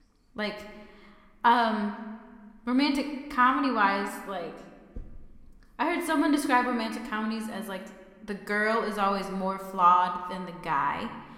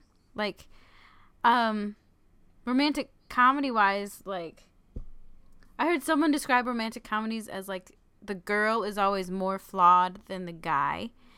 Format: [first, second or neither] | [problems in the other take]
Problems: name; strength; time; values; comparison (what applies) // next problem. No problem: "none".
second | room echo; slight; dies away in 1.1 s